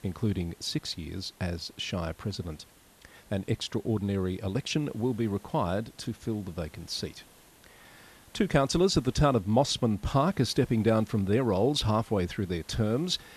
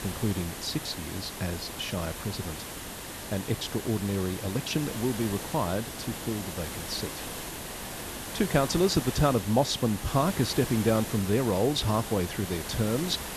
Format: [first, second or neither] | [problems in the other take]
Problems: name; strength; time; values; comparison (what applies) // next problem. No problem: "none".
first | hiss; loud; throughout; 7 dB below the speech; faint in the first